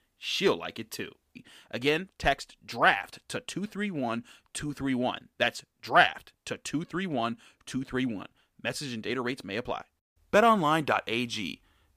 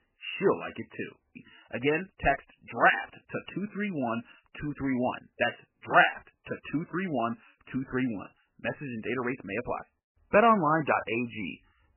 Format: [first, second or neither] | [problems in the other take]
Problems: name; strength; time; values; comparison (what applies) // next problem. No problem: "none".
first | garbled, watery; badly; nothing above 3 kHz